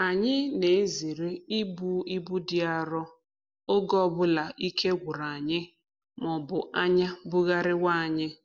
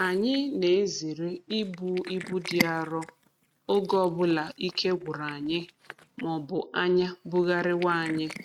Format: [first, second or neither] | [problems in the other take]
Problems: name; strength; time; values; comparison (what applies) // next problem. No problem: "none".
first | noise reduction (neural mask model RNNoise)